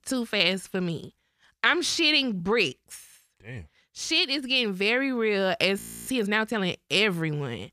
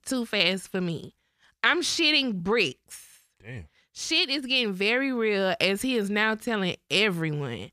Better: second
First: audio freezing; at 6 s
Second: none

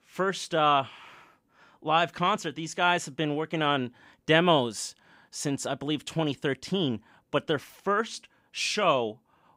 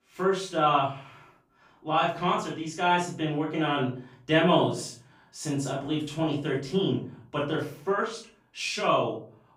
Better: first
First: none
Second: off-mic speech; far // room echo; noticeable; dies away in 0.4 s

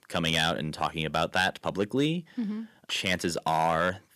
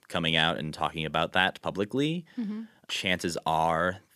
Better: second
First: distortion; slight; 2% of the sound clipped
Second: none

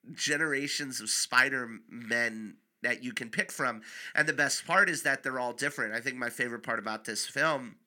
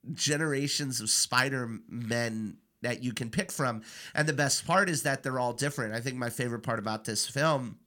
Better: second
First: thin; somewhat; fading below 250 Hz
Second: none

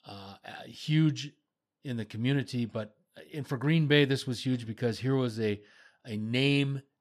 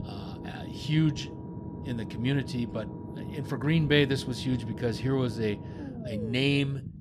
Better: first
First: none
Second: low rumble; noticeable; throughout; 15 dB below the speech

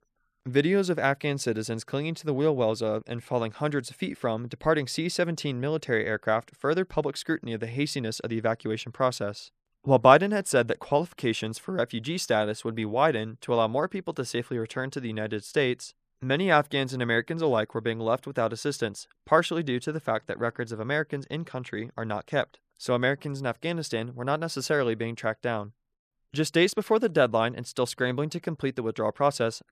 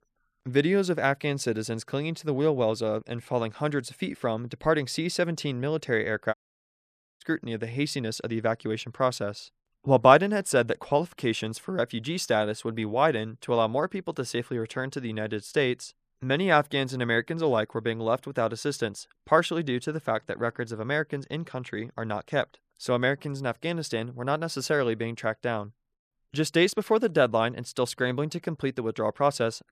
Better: first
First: none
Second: audio cutting out; at 6.5 s for 1 s

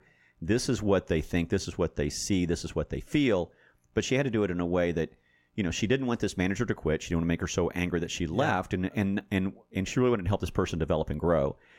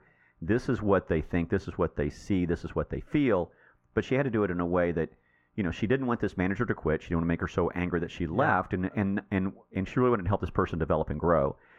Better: first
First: none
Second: muffled; very; fading above 3 kHz

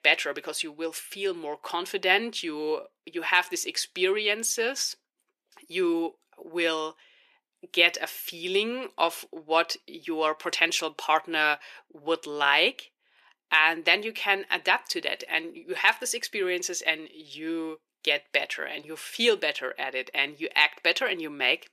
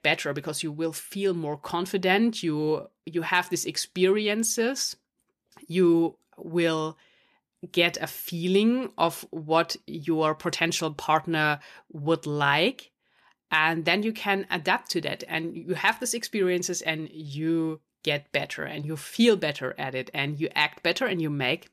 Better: second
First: thin; somewhat; fading below 350 Hz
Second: none

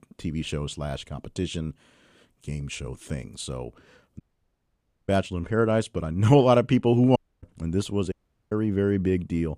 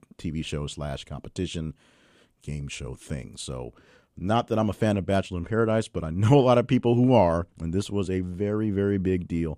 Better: second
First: audio cutting out; at 4 s for 1 s, at 7 s and at 8 s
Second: none

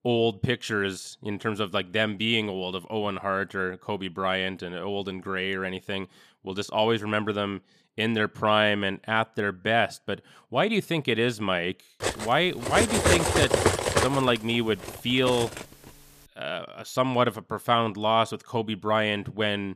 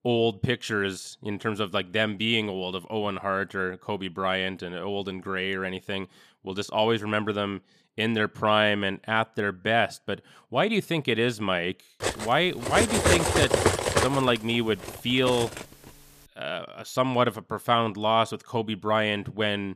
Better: neither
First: clattering dishes; loud; from 12 to 16 s; peak 5 dB above the speech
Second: clattering dishes; loud; from 12 to 16 s; peak 5 dB above the speech

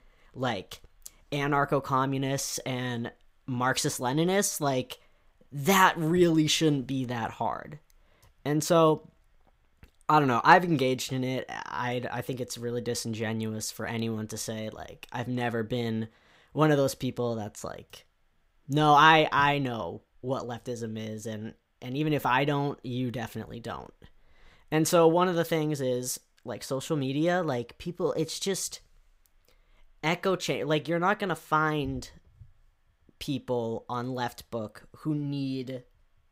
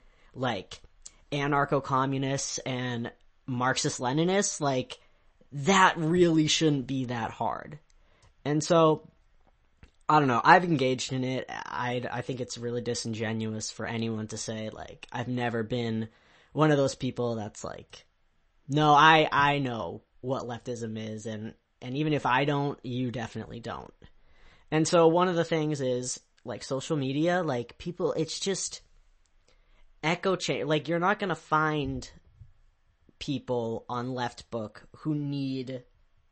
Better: first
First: none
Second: garbled, watery; slightly; nothing above 8 kHz

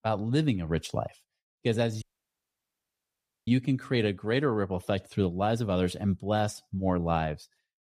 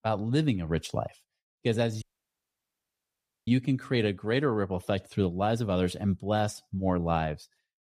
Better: neither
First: audio cutting out; at 2 s for 1.5 s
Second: audio cutting out; at 2 s for 1.5 s

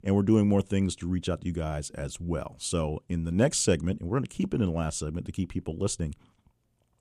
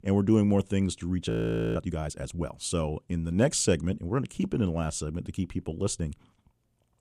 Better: first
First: none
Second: audio freezing; at 1.5 s

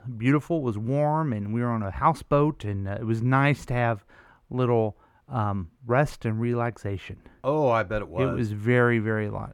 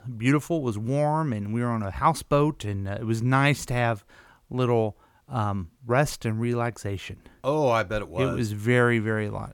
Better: second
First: muffled; slightly; fading above 3 kHz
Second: none

